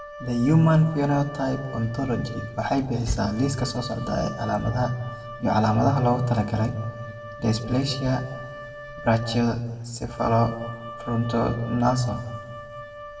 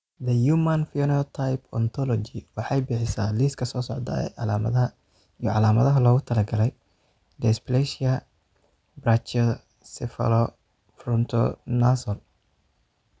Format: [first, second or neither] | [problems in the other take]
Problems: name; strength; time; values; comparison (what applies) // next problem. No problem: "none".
second | background sound (Wind instrument, woodwind instrument); 15 dB below the speech // room echo; dies away in 1.1 s